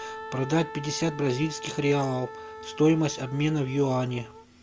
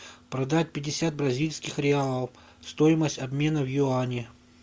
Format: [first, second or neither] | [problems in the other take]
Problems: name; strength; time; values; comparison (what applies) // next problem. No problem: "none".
second | background sound (Wind instrument, woodwind instrument); 14 dB below the speech